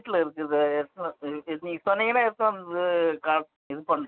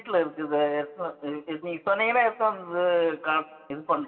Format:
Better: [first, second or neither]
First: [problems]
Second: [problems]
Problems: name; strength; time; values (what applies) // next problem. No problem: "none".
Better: first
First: none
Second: room echo; dies away in 1.5 s